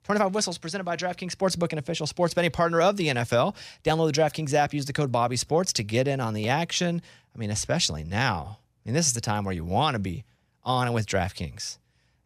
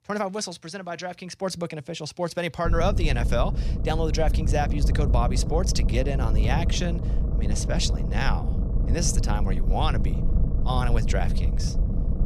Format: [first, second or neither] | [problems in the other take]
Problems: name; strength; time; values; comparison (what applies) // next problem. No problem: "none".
first | low rumble; loud; from 2.5 s on; 10 dB below the speech